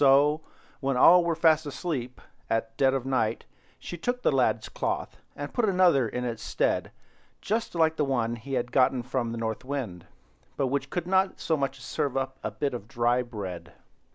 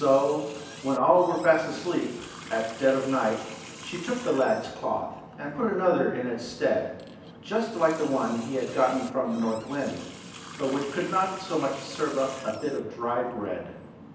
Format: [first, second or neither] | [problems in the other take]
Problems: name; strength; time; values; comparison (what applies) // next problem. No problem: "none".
first | background sound (Water tap, faucet); 16 dB below the speech // room echo; dies away in 0.9 s